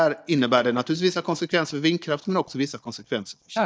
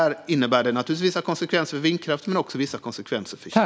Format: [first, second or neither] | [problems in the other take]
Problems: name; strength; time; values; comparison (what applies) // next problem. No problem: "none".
second | noise reduction (neural mask model DeepFilterNet 3)